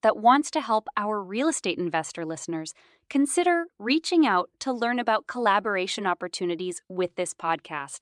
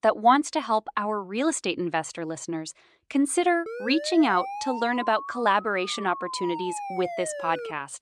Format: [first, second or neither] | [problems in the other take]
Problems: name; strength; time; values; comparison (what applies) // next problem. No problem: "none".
first | siren; noticeable; from 3.5 s on; peak 8 dB below the speech